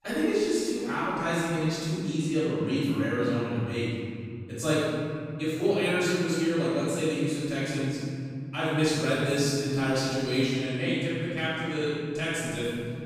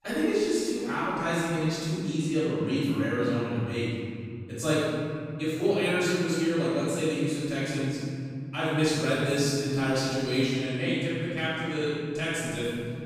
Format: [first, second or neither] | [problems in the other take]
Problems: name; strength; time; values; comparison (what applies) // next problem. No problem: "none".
neither | off-mic speech; far; the same in both // room echo; strong; dies away in 2.9 s; the same in both